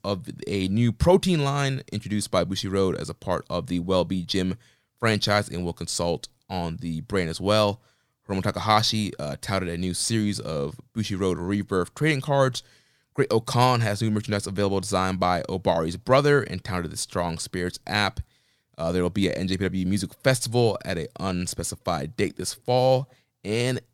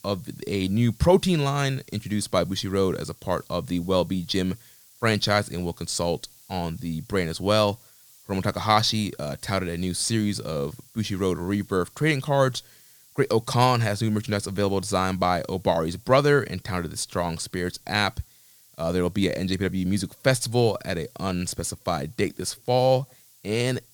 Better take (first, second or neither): first